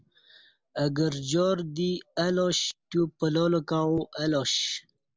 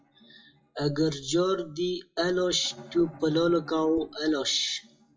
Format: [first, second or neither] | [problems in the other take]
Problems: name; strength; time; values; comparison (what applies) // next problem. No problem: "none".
first | noise reduction (classical method WPE with log-MMSE)